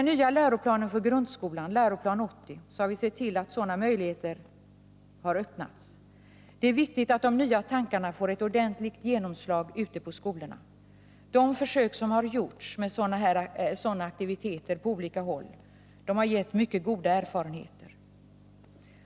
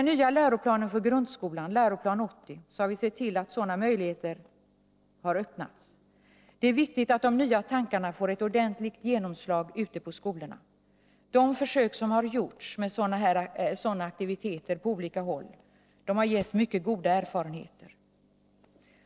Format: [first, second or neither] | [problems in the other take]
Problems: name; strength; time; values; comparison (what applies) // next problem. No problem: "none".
first | noise reduction (neural separator model SepFormer DNS4)